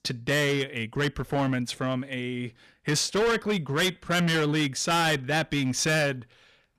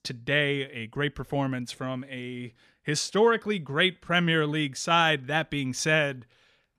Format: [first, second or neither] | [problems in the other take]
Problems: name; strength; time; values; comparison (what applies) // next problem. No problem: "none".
second | distortion; heavy; 15% of the sound clipped